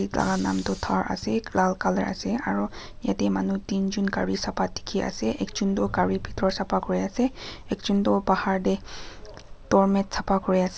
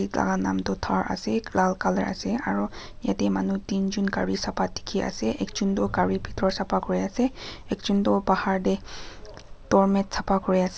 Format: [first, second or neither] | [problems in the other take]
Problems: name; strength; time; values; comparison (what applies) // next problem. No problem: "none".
second | background sound (Fire); 16 dB below the speech